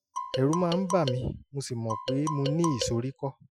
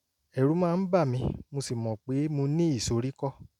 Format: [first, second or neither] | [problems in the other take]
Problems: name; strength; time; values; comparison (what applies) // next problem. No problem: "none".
second | noise reduction (classical method Wiener filter)